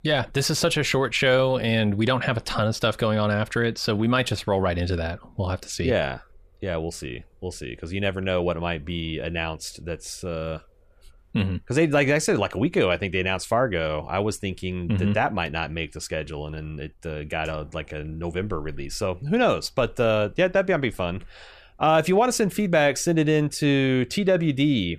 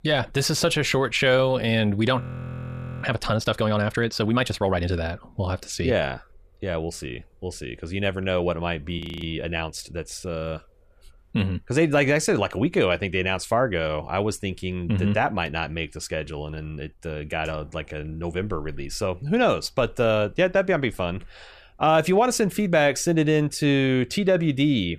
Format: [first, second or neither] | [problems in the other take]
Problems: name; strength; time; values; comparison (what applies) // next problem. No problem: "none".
first | audio freezing; at 2 s for 1 s and at 9 s